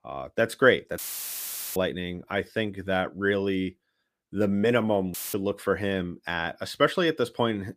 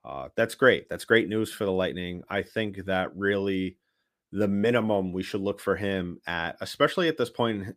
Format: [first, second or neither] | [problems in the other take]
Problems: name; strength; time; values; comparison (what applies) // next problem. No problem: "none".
second | audio cutting out; filled with static; at 1 s for 1 s and at 5 s